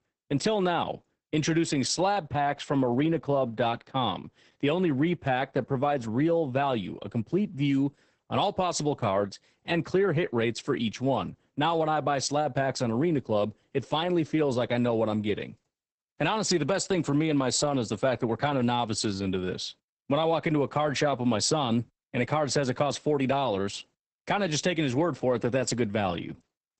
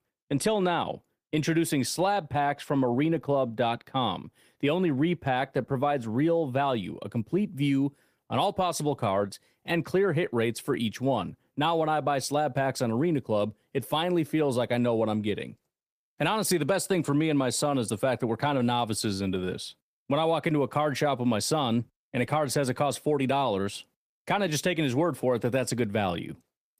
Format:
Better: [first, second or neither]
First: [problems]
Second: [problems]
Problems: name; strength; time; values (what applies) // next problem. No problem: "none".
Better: second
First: garbled, watery; badly; nothing above 8 kHz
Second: garbled, watery; slightly; nothing above 15 kHz